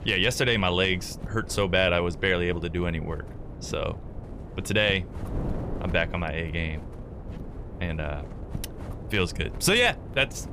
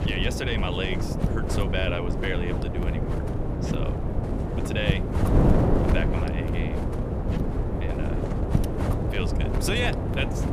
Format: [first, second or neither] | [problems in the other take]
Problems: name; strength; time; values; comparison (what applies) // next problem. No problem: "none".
first | wind noise on the microphone; heavy; 1 dB below the speech; occasional gusts in the first